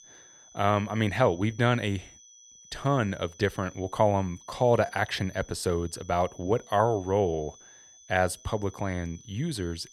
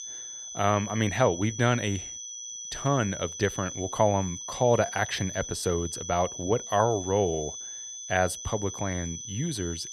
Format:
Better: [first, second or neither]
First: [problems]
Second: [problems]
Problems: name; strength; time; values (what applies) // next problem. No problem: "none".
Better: first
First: high-pitched whine; faint; throughout; 6 kHz, 20 dB below the speech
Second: high-pitched whine; loud; throughout; 6 kHz, 8 dB below the speech